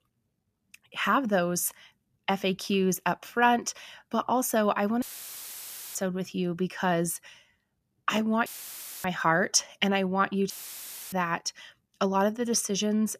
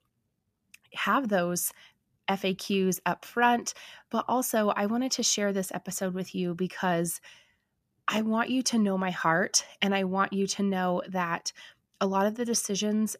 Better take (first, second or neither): second